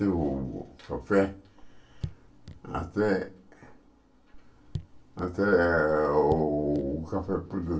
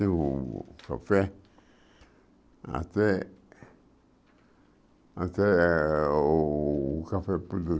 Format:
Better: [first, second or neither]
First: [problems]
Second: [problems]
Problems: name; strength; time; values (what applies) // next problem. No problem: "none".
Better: second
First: background sound (Raindrop / Drip); 14 dB below the speech // room echo; dies away in 0.3 s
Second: none